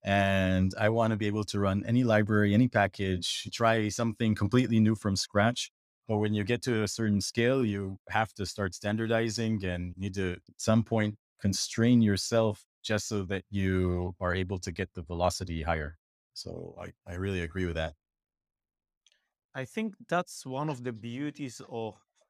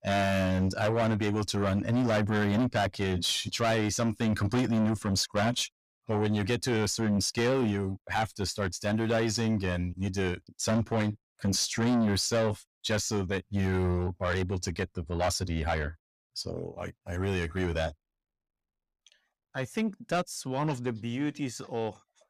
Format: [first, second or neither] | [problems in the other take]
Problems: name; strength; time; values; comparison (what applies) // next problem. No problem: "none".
first | distortion; heavy; 6 dB below the speech